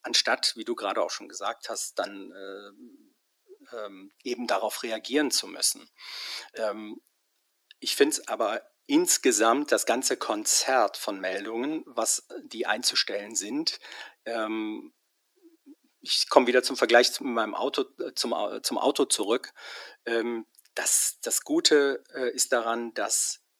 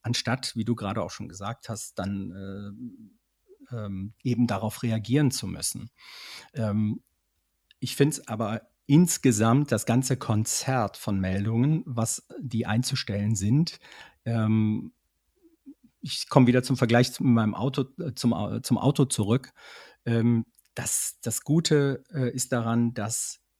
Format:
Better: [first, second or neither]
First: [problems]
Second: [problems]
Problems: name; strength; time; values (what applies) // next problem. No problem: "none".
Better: second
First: thin; very; fading below 300 Hz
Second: none